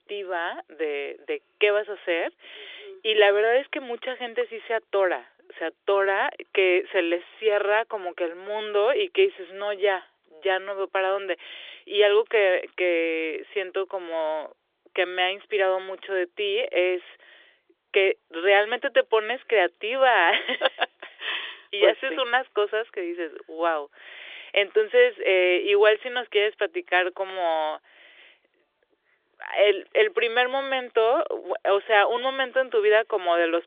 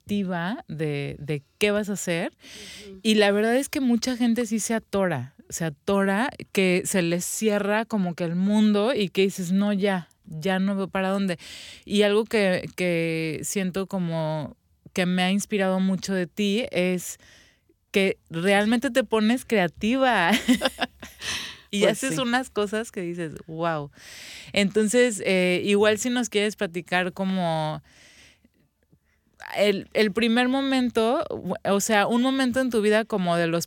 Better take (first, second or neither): second